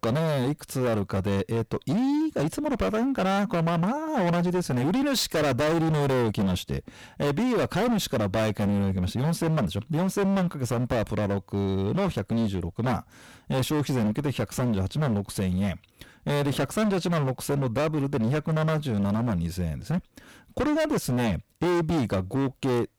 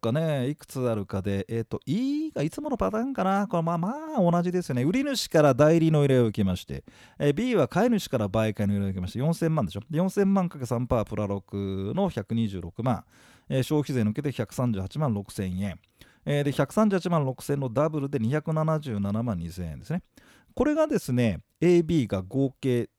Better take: second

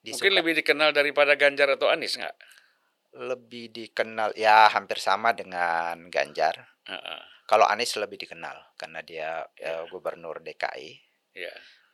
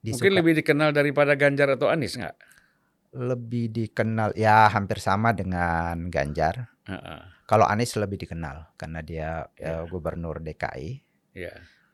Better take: second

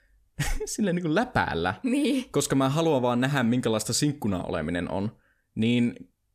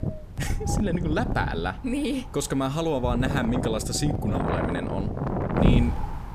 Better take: first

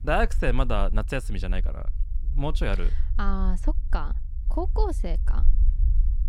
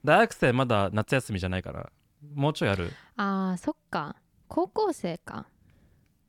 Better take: second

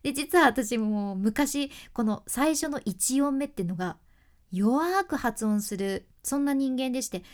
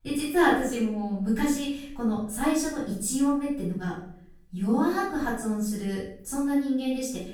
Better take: first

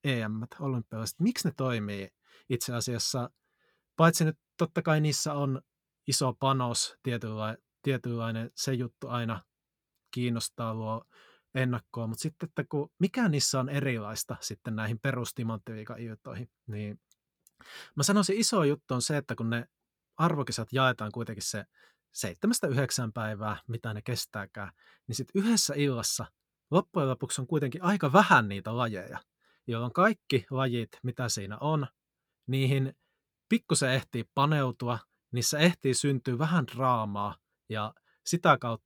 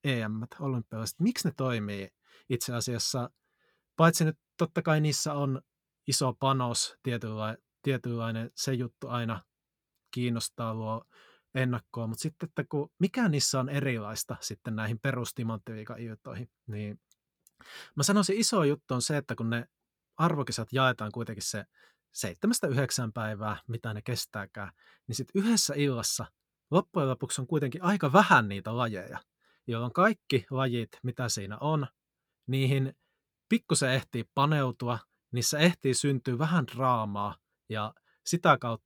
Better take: neither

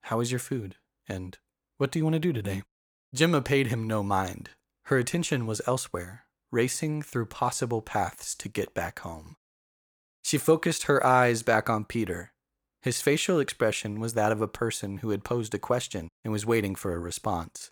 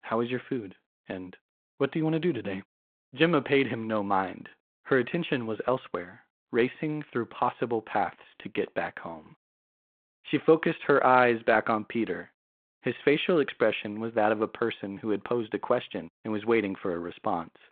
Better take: first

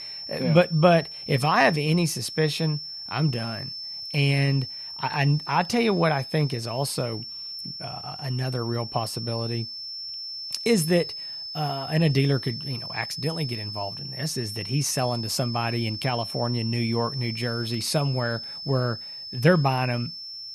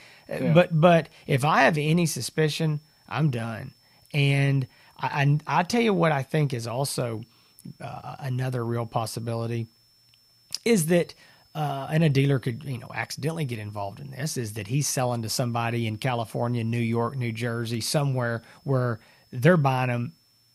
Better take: second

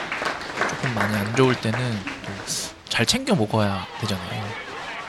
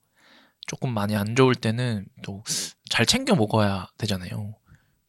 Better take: second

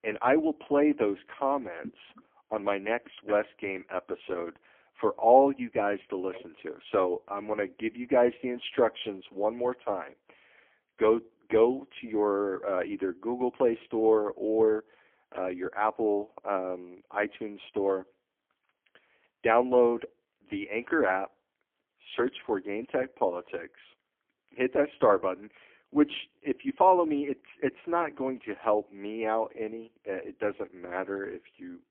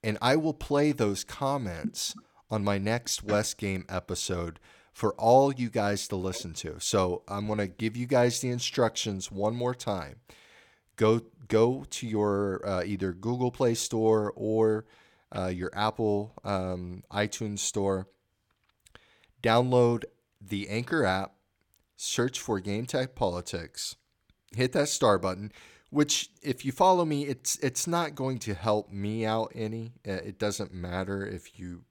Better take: second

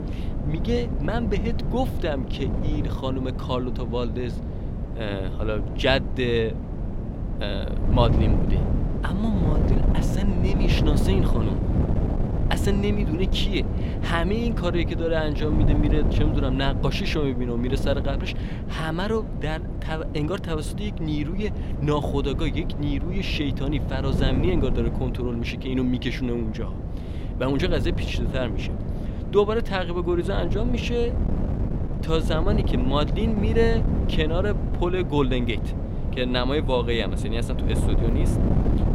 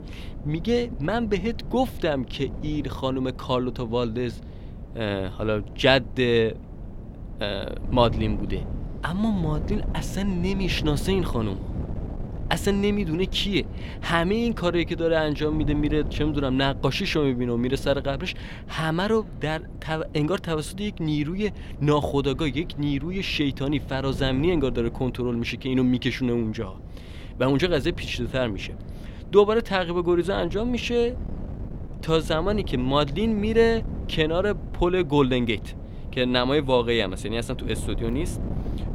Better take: second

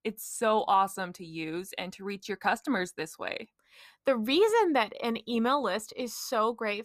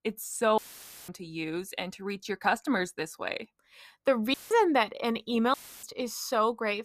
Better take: first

